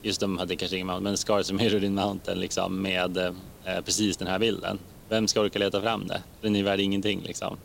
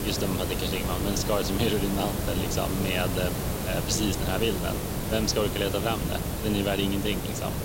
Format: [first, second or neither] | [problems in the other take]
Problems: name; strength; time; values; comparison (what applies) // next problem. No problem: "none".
first | hiss; loud; throughout; 1 dB below the speech; faint in the first